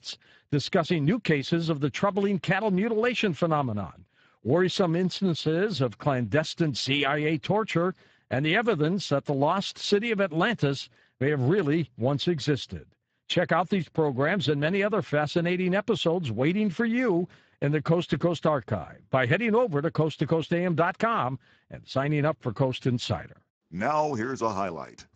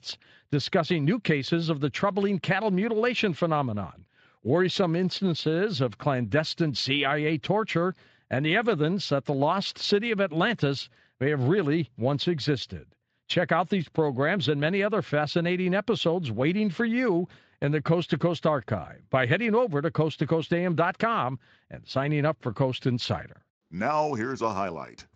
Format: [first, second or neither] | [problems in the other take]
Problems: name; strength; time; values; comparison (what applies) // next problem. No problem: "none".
second | garbled, watery; badly; nothing above 7.5 kHz; slightly in the second